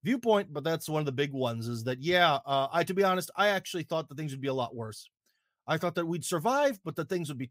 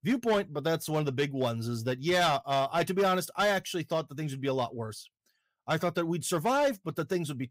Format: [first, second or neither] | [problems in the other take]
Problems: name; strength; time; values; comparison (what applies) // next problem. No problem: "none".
first | distortion; slight; 5% of the sound clipped